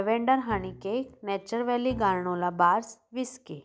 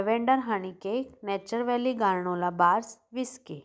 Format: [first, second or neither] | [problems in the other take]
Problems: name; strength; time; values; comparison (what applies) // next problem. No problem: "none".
second | background sound (Bowed string instrument); 18 dB below the speech